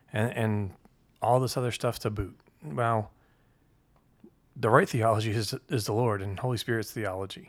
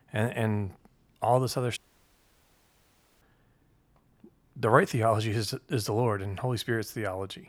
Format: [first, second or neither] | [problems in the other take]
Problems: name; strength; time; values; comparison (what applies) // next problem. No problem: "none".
first | audio cutting out; at 2 s for 1.5 s